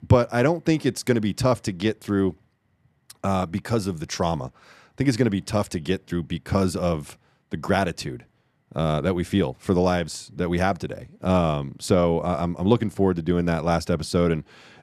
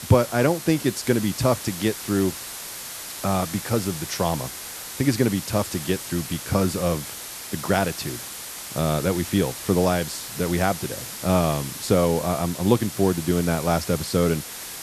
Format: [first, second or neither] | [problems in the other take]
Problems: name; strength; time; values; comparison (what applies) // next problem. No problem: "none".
first | hiss; loud; throughout; 9 dB below the speech